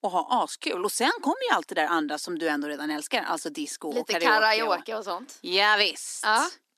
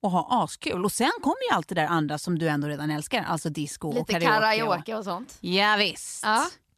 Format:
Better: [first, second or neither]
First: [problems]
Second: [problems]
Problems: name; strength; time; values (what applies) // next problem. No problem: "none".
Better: second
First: thin; very slightly; fading below 250 Hz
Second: none